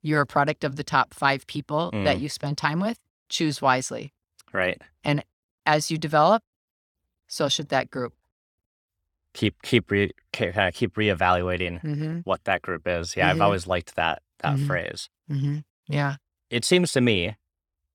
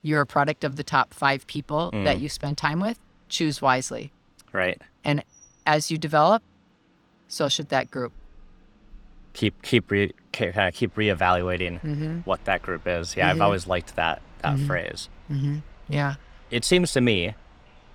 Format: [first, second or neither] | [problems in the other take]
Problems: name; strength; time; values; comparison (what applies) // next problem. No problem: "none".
first | rain or running water; faint; throughout; 30 dB below the speech